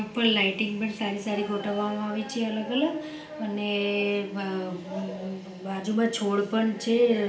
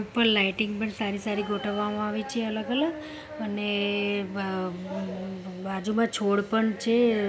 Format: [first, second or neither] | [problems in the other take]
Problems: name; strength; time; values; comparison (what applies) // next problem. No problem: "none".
second | room echo; dies away in 0.4 s